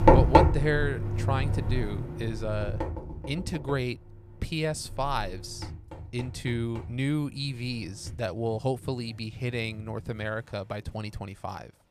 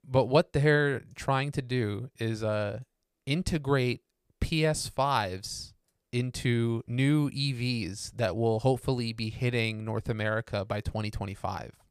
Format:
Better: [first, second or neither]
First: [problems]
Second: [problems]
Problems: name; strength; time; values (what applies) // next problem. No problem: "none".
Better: second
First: household noises; very loud; throughout; 4 dB above the speech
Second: none